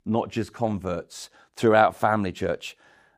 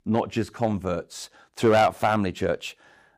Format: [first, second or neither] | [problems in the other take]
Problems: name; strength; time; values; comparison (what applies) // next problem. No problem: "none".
first | distortion; slight; 2% of the sound clipped